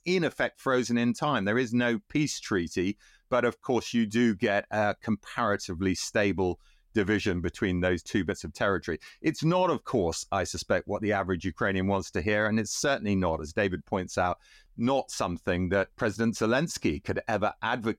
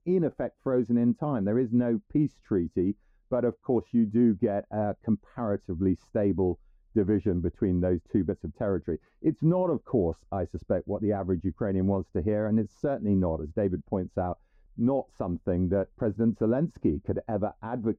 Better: first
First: none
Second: muffled; very; fading above 1.5 kHz

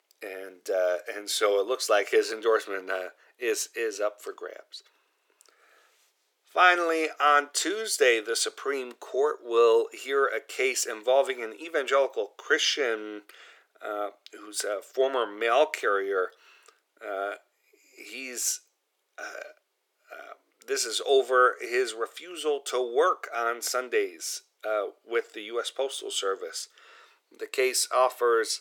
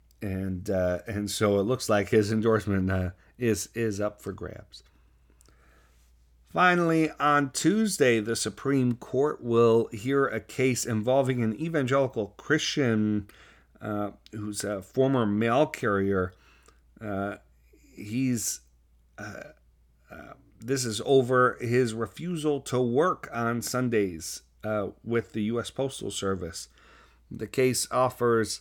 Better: second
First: thin; very; fading below 400 Hz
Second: none

